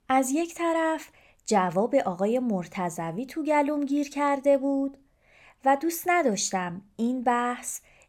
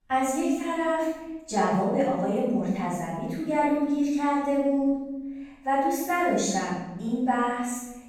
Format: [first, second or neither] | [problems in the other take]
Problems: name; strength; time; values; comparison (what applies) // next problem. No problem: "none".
first | off-mic speech; far // room echo; strong; dies away in 1.1 s